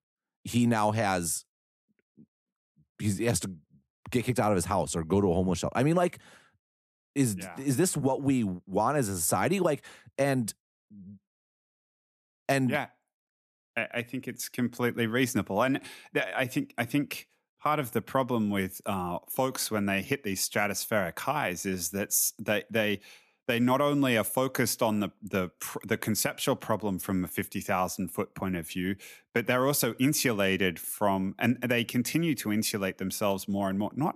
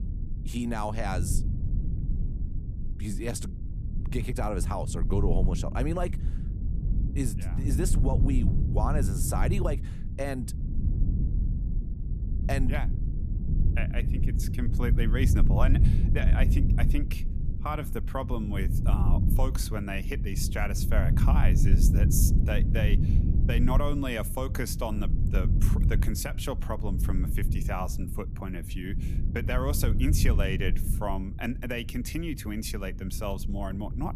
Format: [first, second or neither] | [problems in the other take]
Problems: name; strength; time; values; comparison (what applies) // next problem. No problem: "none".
first | low rumble; loud; throughout; 7 dB below the speech